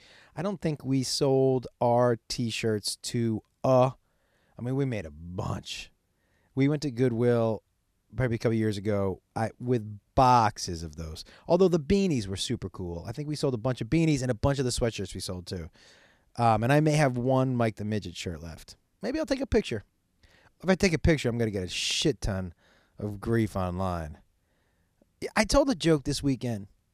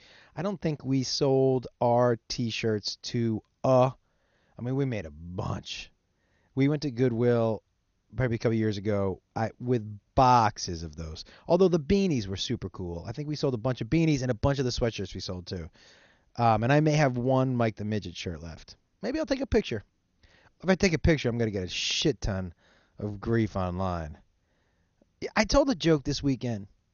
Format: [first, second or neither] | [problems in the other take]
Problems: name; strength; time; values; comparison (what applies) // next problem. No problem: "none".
first | garbled, watery; slightly; nothing above 6.5 kHz